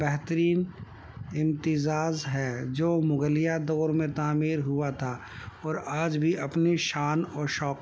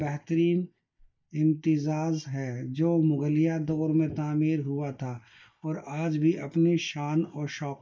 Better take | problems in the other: first | noise reduction (neural mask model DeepFilterNet 3)

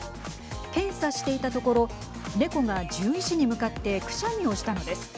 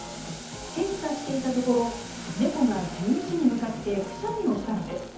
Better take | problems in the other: first | background sound (Boiling); 16 dB below the speech // room echo; dies away in 0.5 s

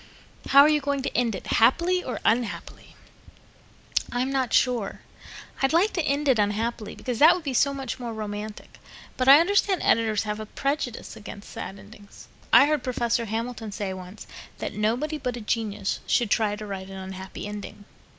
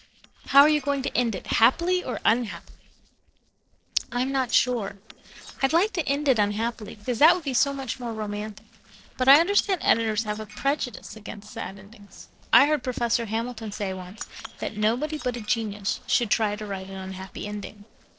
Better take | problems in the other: first | noise reduction (neural separator model SepFormer DNS4)

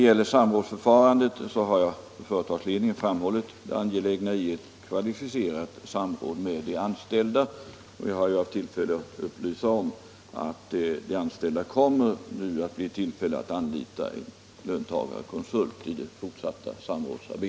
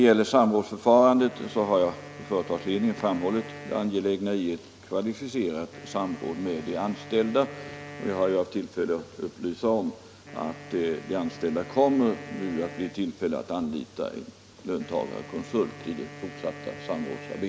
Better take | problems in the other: first | background sound (Wind instrument, woodwind instrument); 18 dB below the speech

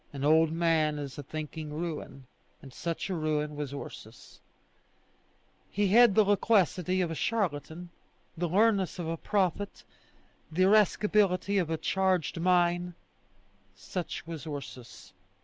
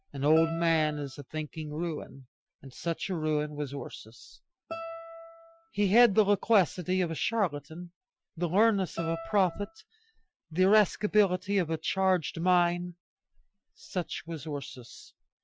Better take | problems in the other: first | noise reduction (classical method Wiener filter)

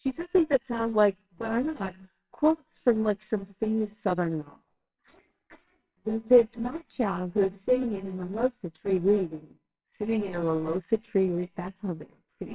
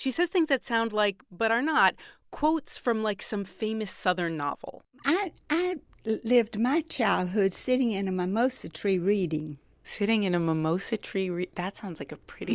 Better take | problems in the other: second | noise reduction (neural separator model SepFormer WHAMR!)

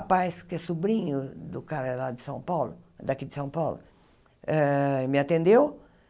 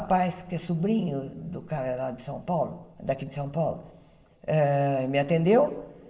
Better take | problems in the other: first | room echo; dies away in 2.6 s

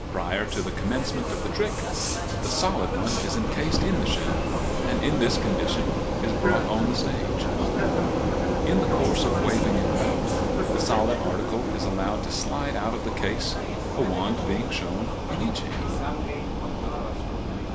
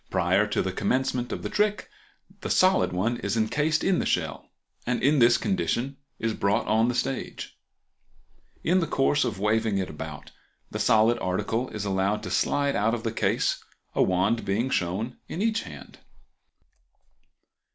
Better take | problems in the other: second | background sound (Vehicle); 4 dB above the speech

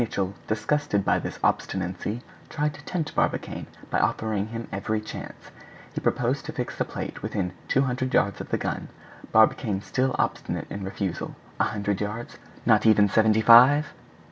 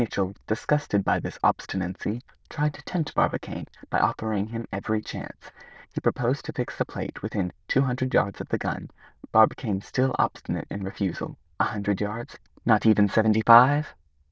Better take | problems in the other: first | noise reduction (neural diffusion model UNIVERSE++)

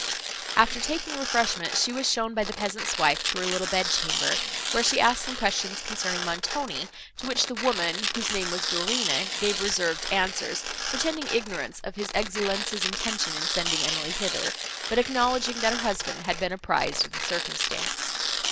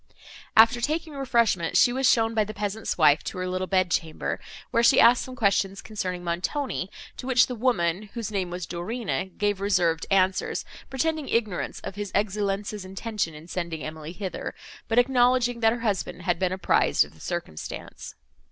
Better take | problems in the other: second | background sound (Tearing); 2 dB below the speech

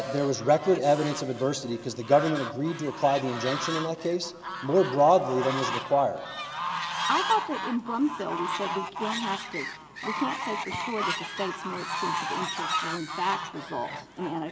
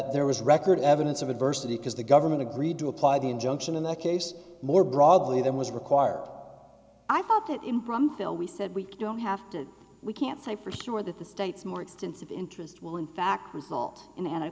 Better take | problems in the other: second | background sound (Fowl); 6 dB below the speech

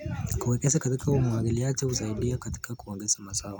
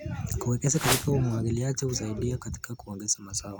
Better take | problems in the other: first | background sound (Whoosh, swoosh, swish); as loud as the speech

